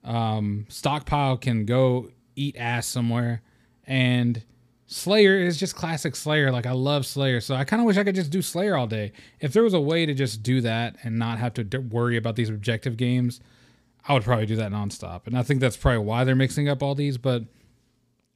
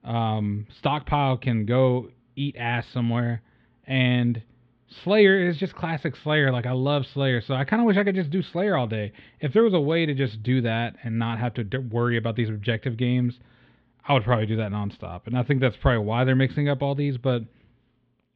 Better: first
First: none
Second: muffled; very; fading above 3.5 kHz

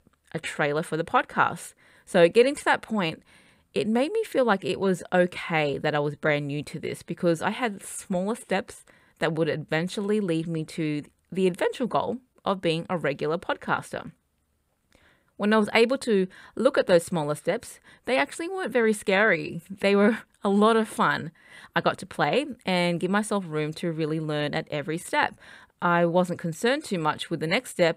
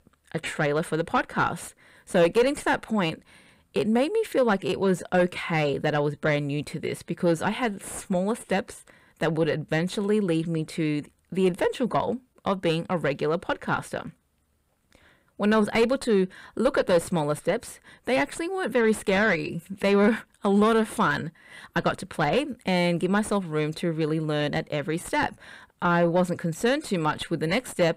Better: first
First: none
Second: distortion; slight; 10 dB below the speech

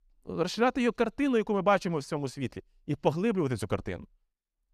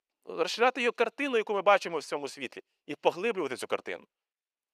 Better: first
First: none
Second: thin; somewhat; fading below 500 Hz

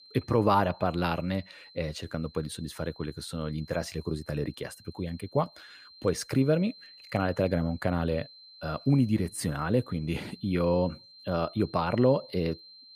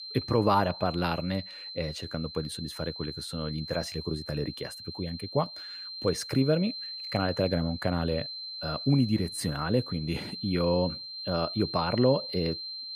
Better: first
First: high-pitched whine; faint; throughout; 4 kHz, 20 dB below the speech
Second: high-pitched whine; loud; throughout; 4 kHz, 8 dB below the speech

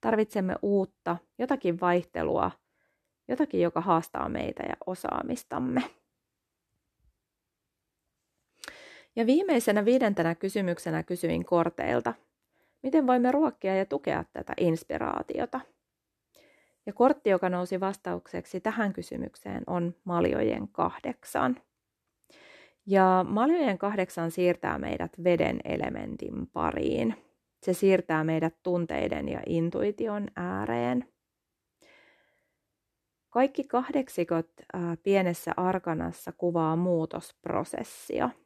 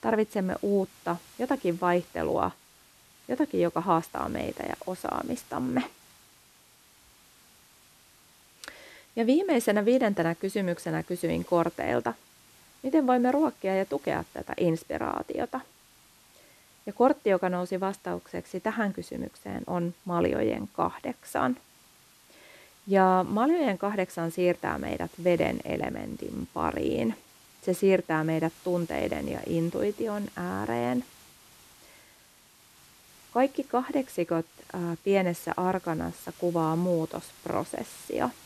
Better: first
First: none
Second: hiss; faint; throughout; 25 dB below the speech

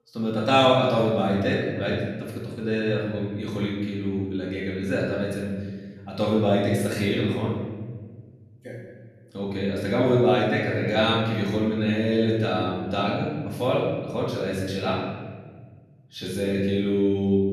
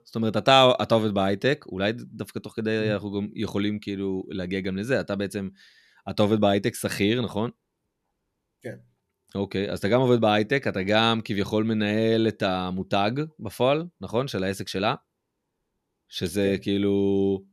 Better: second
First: off-mic speech; far // room echo; noticeable; dies away in 1.7 s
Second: none

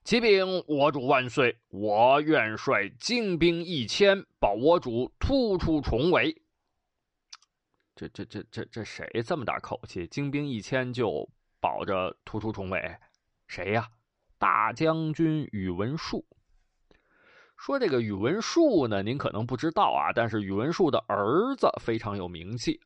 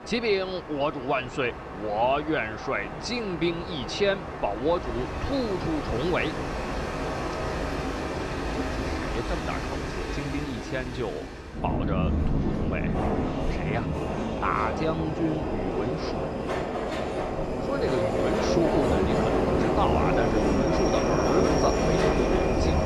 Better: first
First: none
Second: train or aircraft noise; very loud; throughout; 2 dB above the speech

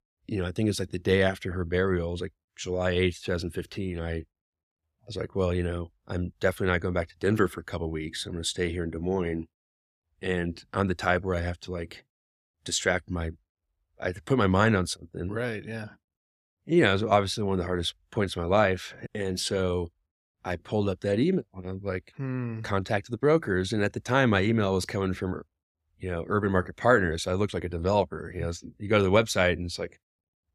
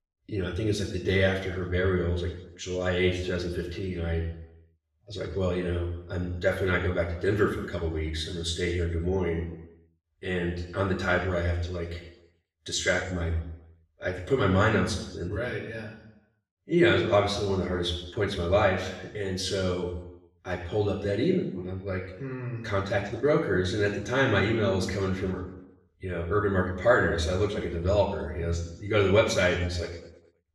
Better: first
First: none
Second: room echo; noticeable; dies away in 0.7 s // off-mic speech; far

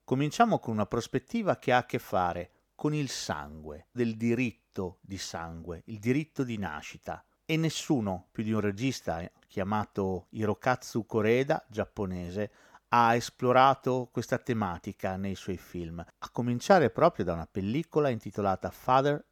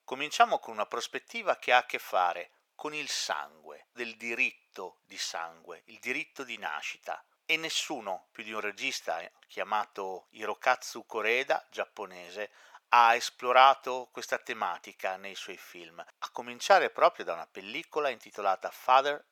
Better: first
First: none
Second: thin; very; fading below 750 Hz

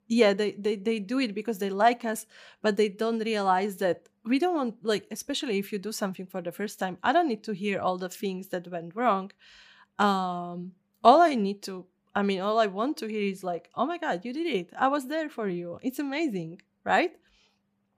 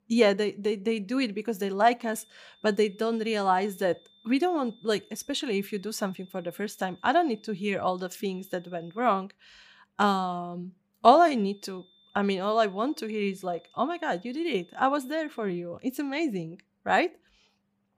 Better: first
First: none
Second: high-pitched whine; faint; from 2 to 9 s and from 11 to 16 s; 3.5 kHz, 30 dB below the speech

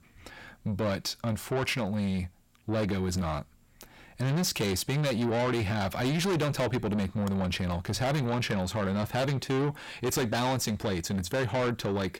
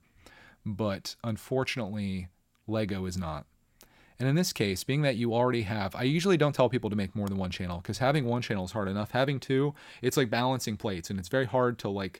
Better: second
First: distortion; heavy; 6 dB below the speech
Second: none

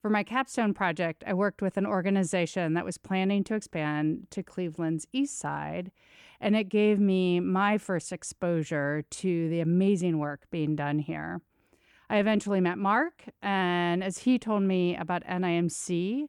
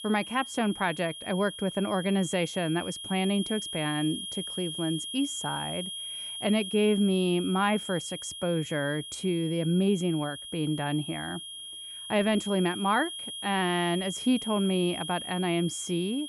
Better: first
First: none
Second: high-pitched whine; loud; throughout; 3 kHz, 7 dB below the speech

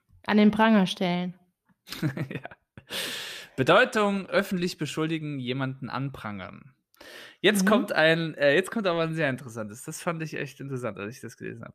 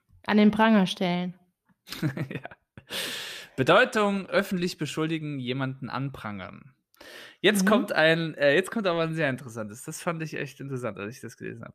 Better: neither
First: none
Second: none

